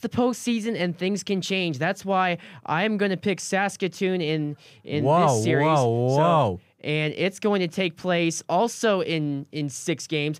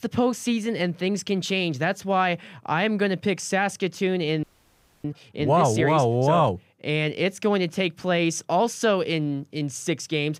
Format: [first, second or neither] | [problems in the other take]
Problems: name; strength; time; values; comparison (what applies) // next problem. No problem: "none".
first | audio freezing; at 4.5 s for 0.5 s